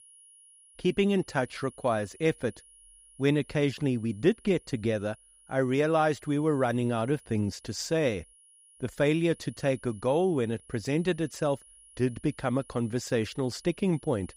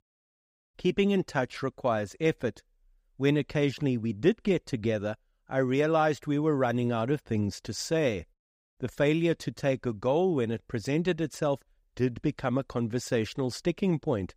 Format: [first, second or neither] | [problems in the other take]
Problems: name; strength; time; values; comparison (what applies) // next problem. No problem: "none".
second | high-pitched whine; faint; throughout; 10.5 kHz, 25 dB below the speech